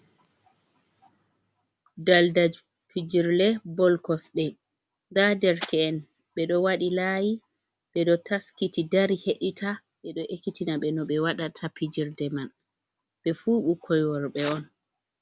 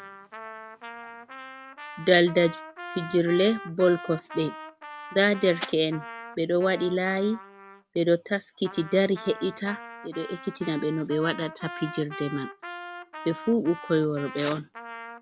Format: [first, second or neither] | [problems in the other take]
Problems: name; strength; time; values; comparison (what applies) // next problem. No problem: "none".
first | background sound (Trumpet); 14 dB below the speech